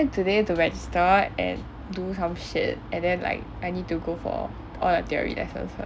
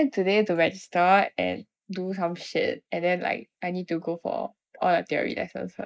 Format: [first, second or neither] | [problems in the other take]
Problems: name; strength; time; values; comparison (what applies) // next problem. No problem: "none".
first | noise reduction (neural mask model Resemble Enhance denoiser)